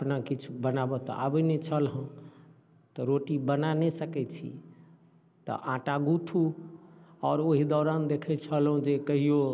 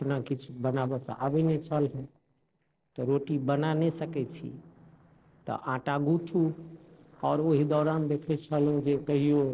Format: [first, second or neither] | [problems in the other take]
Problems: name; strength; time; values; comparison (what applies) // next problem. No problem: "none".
first | noise reduction (neural separator model SepFormer DNS4)